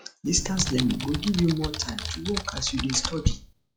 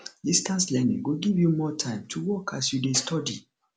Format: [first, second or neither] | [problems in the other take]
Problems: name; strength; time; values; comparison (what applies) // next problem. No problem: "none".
second | noise reduction (classical method log-MMSE)